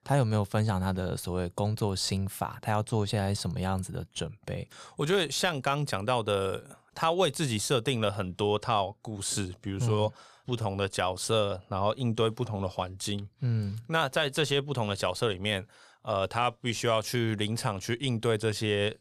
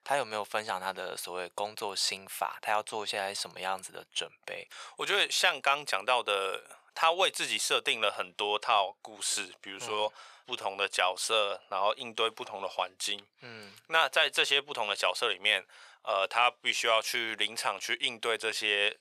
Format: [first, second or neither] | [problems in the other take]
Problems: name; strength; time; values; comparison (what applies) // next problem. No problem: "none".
first | thin; very; fading below 700 Hz